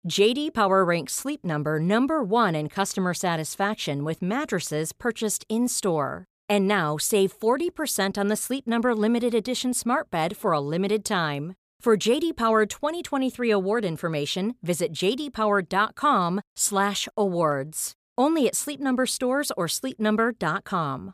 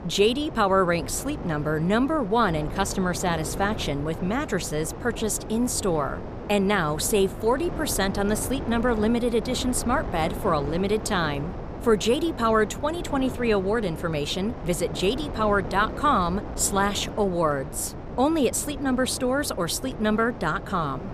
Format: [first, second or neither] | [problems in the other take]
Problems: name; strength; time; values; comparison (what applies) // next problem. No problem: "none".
first | wind noise on the microphone; occasional gusts; 15 dB below the speech